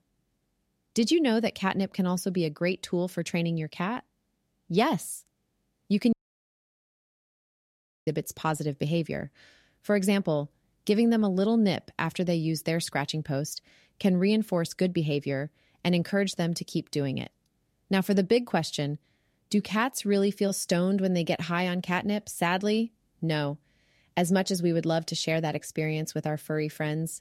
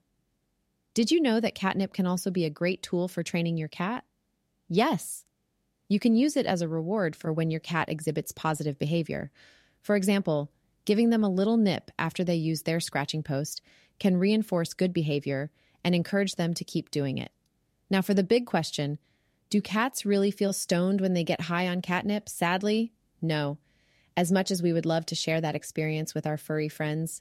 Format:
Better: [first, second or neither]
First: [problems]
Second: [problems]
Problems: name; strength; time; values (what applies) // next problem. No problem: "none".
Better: second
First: audio cutting out; at 6 s for 2 s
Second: none